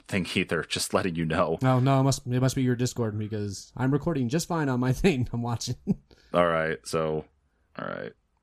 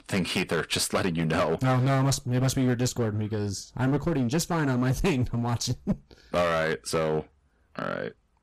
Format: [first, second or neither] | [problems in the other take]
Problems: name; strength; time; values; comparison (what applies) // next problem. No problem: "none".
first | distortion; heavy; 13% of the sound clipped